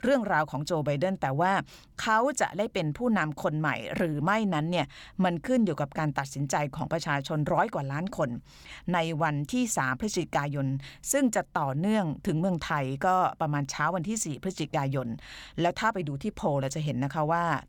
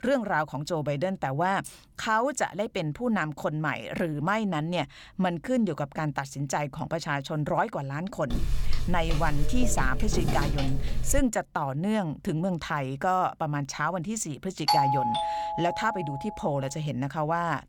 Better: first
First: none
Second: jangling keys; faint; at 1.5 s; peak 15 dB below the speech // footsteps; loud; from 8.5 to 11 s; peak level with the speech // doorbell; loud; from 15 to 16 s; peak 5 dB above the speech

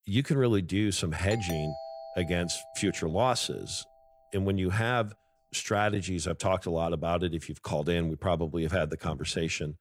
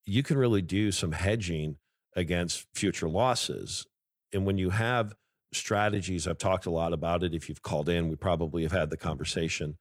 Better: second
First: doorbell; noticeable; from 1.5 to 3.5 s; peak 9 dB below the speech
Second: none

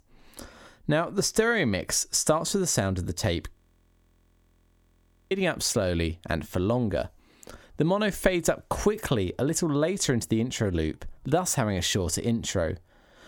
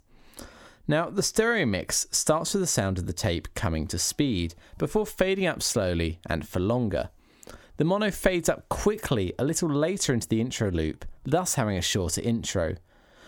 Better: second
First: audio freezing; at 3.5 s for 2 s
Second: none

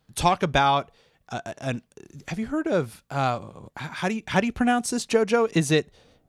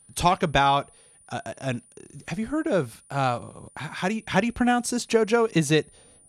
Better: first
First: none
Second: high-pitched whine; faint; throughout; 9.5 kHz, 30 dB below the speech

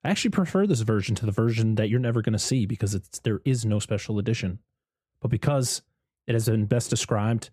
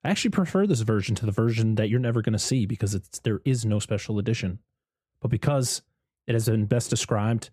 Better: neither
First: none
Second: none

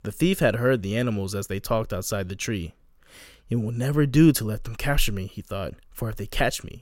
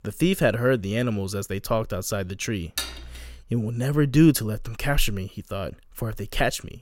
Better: first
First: none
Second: clattering dishes; noticeable; at 3 s; peak 6 dB below the speech

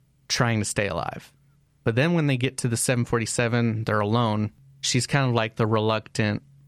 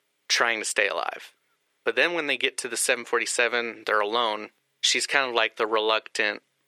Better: first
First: none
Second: thin; very; fading below 400 Hz

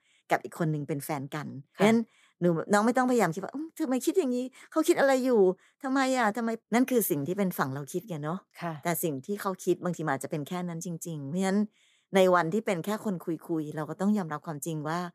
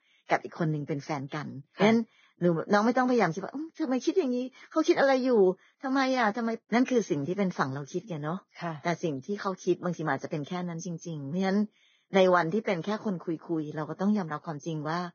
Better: first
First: none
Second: garbled, watery; badly; nothing above 6.5 kHz

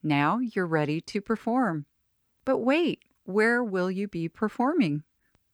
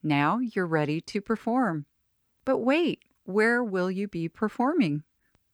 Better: neither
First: none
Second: none

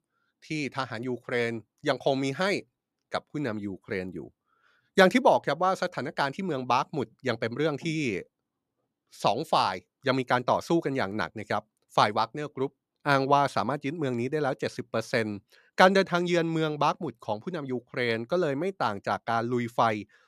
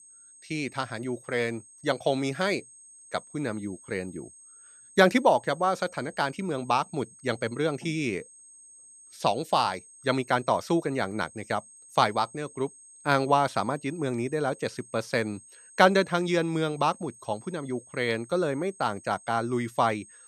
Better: first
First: none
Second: high-pitched whine; faint; throughout; 8.5 kHz, 20 dB below the speech

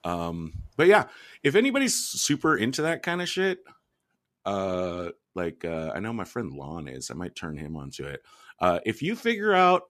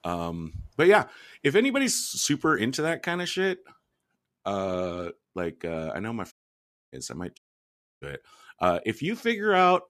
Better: first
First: none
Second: audio cutting out; at 6.5 s for 0.5 s and at 7.5 s for 0.5 s

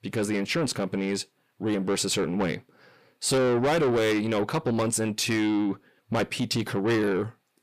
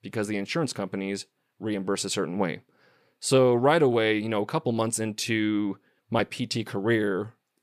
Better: second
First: distortion; heavy; 8 dB below the speech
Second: none

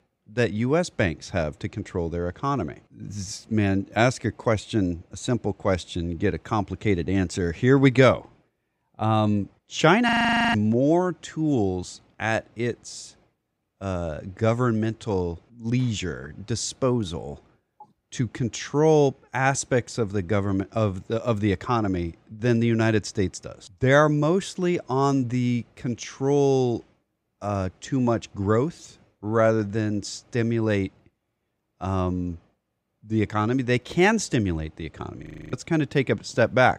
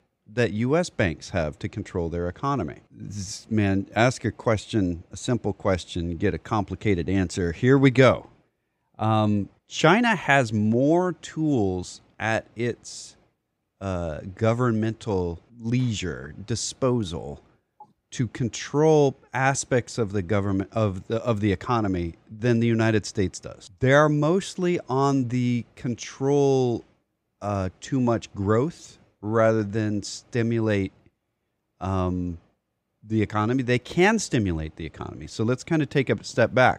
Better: second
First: audio freezing; at 10 s and at 35 s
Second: none

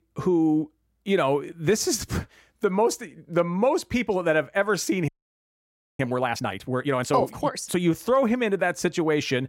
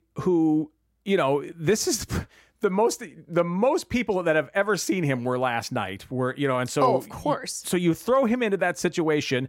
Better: second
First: audio freezing; at 5 s for 1 s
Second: none

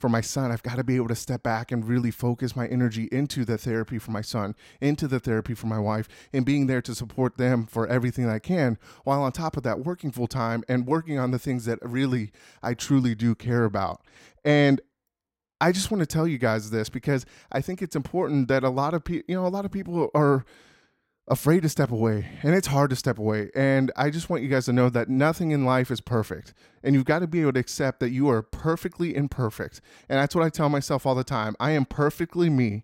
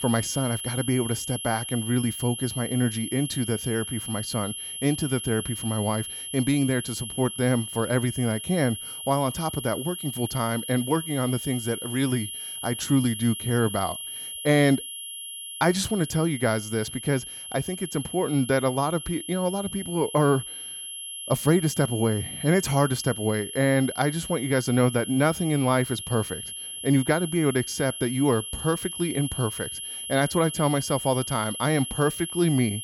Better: first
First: none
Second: high-pitched whine; loud; throughout; 11 kHz, 7 dB below the speech

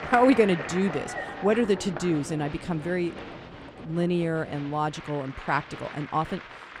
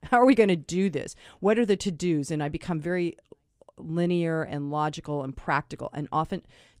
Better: second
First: crowd noise; noticeable; throughout; 10 dB below the speech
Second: none

